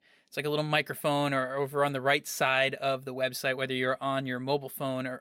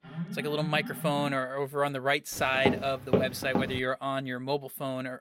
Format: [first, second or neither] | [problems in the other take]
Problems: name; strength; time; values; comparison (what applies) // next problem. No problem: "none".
first | alarm; noticeable; until 1.5 s; peak 7 dB below the speech // footsteps; loud; from 2.5 to 4 s; peak 1 dB above the speech